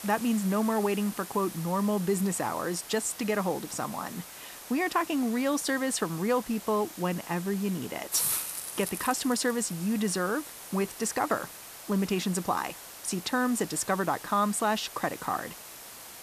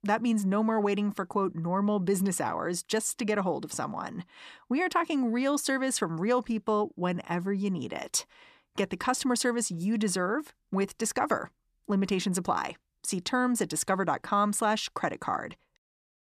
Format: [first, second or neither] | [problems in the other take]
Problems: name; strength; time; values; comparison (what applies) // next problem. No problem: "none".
second | hiss; loud; throughout; 9 dB below the speech